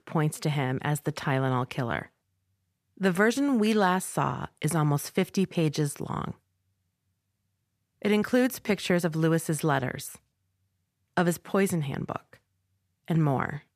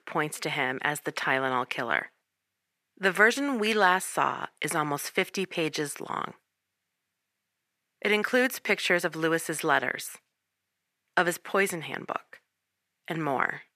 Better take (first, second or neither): first